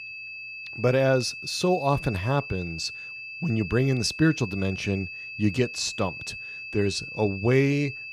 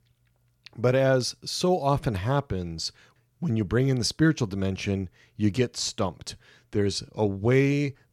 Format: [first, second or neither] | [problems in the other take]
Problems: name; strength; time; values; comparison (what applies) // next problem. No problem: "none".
second | high-pitched whine; loud; throughout; 2.5 kHz, 10 dB below the speech